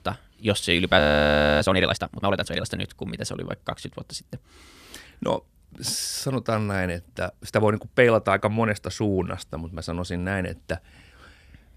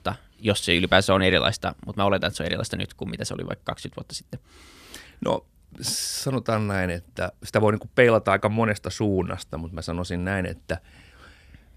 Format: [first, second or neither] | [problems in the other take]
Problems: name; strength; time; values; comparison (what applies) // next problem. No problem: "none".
second | audio freezing; at 1 s for 0.5 s